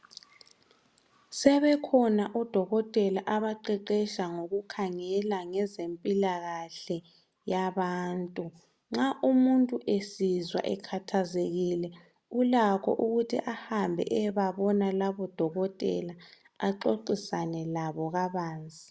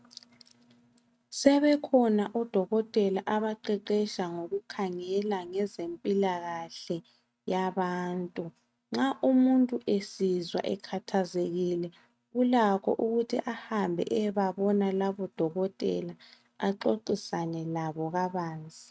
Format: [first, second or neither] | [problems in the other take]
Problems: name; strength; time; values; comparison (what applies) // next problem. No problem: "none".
first | noise reduction (neural mask model RNNoise)